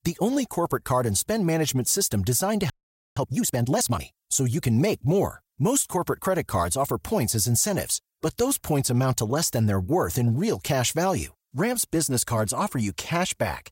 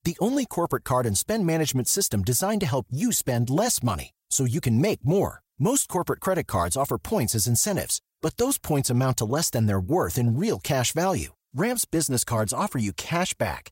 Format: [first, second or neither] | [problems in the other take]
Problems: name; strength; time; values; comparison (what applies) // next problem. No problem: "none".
second | audio freezing; at 2.5 s